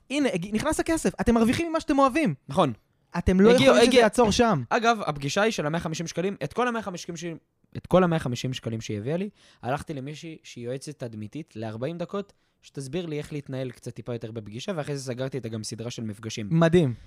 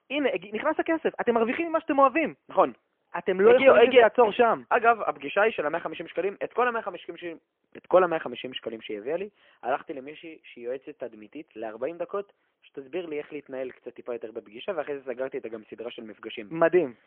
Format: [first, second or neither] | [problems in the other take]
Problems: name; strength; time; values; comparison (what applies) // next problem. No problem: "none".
first | phone-call audio; poor line